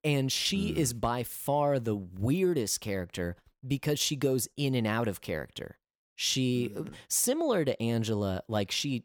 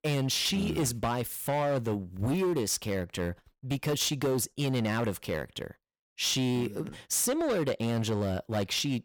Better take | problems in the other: first | distortion; slight; 14% of the sound clipped

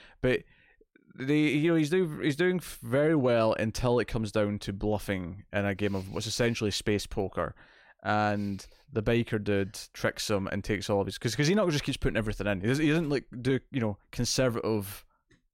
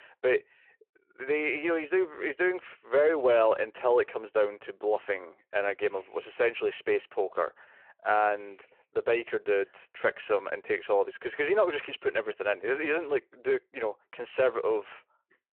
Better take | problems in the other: first | phone-call audio

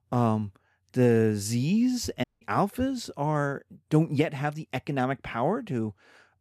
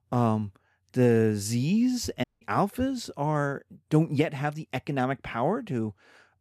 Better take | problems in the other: neither | audio cutting out; at 2 s; the same in both

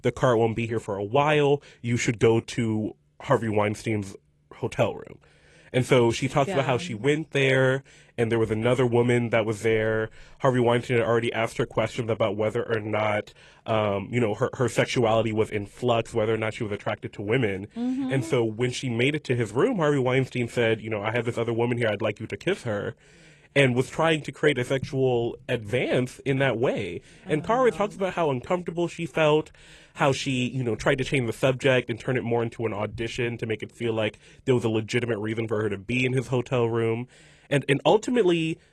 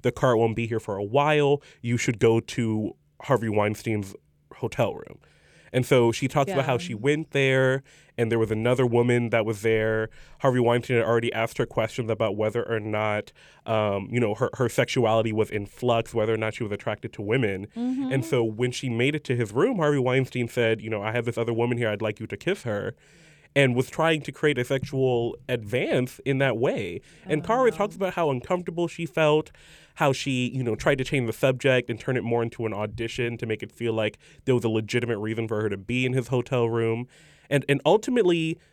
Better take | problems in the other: second | garbled, watery; slightly

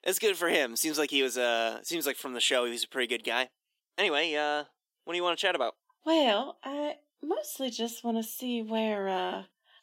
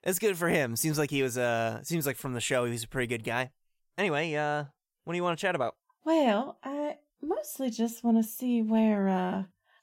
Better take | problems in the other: second | thin; very slightly; fading below 250 Hz

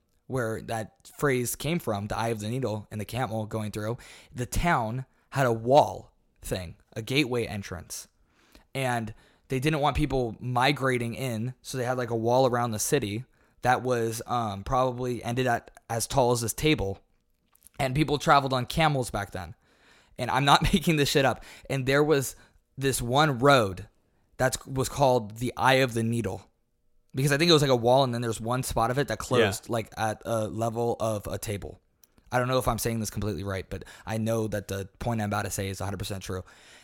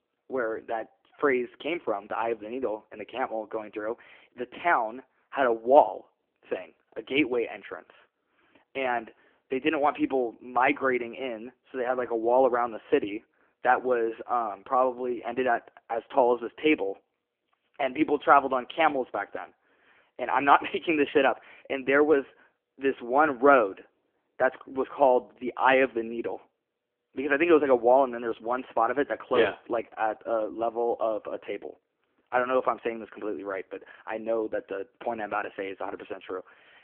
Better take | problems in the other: first | phone-call audio; poor line

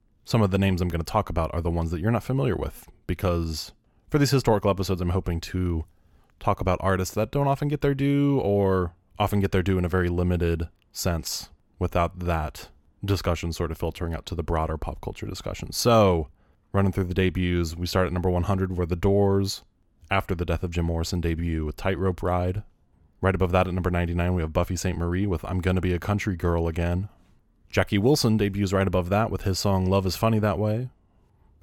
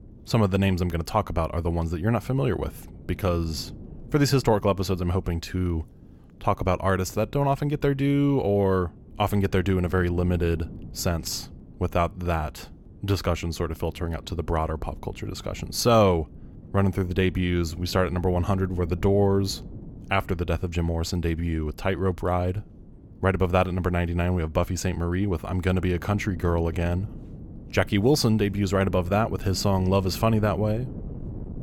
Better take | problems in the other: first | wind noise on the microphone; occasional gusts; 25 dB below the speech

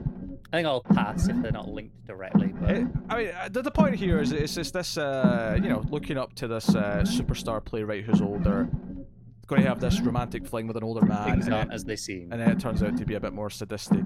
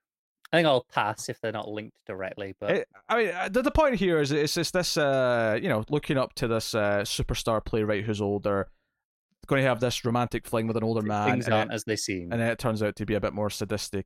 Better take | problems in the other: second | low rumble; loud; throughout; 4 dB below the speech

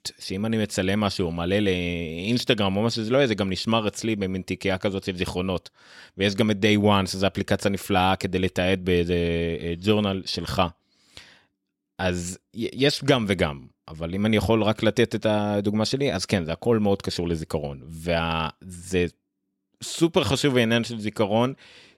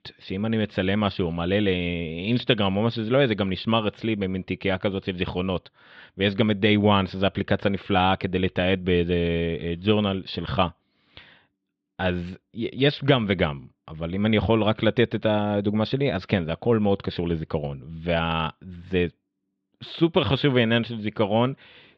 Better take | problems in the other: first | muffled; slightly; fading above 3.5 kHz

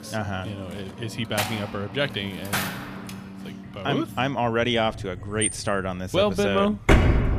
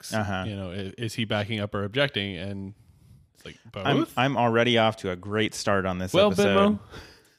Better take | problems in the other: second | household noises; loud; throughout; 2 dB below the speech

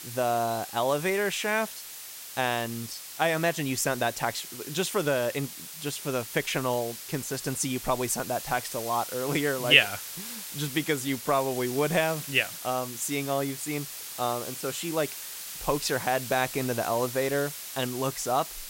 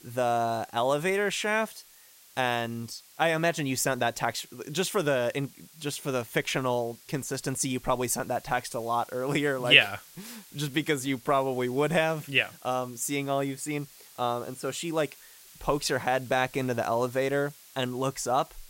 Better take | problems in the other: second | hiss; loud; throughout; 9 dB below the speech; faint in the second

